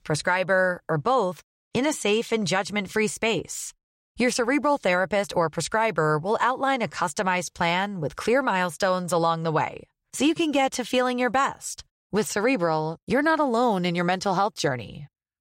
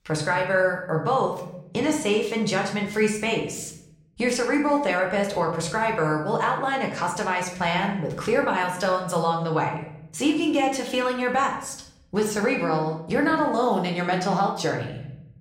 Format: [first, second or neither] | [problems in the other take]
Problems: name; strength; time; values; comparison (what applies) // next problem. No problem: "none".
first | room echo; slight; dies away in 0.7 s // off-mic speech; somewhat distant